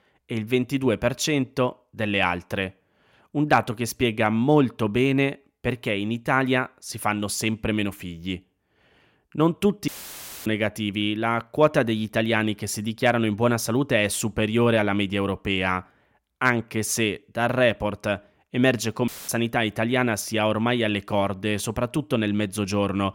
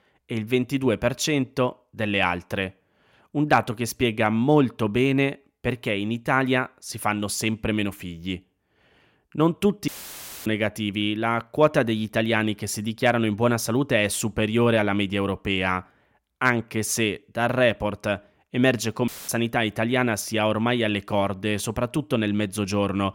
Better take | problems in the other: neither | audio cutting out; filled with static; at 10 s for 0.5 s and at 19 s; the same in both

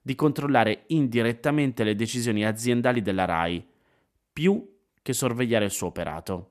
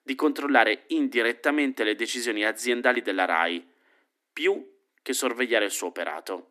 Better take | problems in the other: first | thin; very slightly; fading below 250 Hz

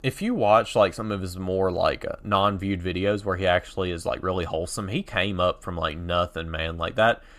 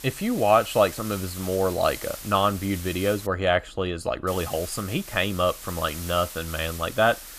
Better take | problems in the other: first | hiss; noticeable; until 3.5 s and from 4.5 s on; 10 dB below the speech

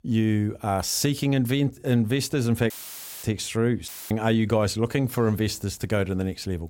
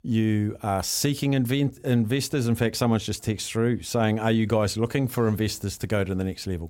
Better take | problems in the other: second | audio cutting out; filled with static; at 2.5 s for 0.5 s and at 4 s

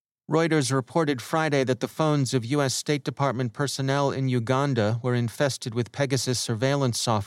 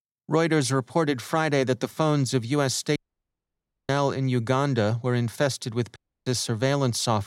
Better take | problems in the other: first | audio cutting out; at 3 s for 1 s and at 6 s

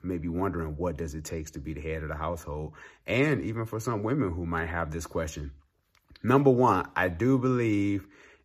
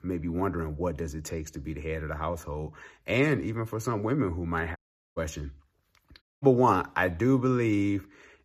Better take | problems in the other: first | audio cutting out; at 5 s and at 6 s

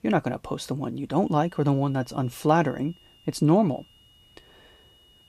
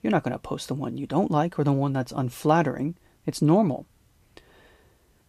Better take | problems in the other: second | high-pitched whine; faint; from 1.5 s on; 3 kHz, 30 dB below the speech

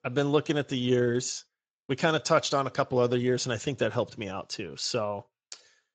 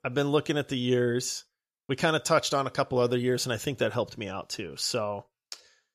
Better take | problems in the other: second | garbled, watery; slightly; nothing above 7.5 kHz

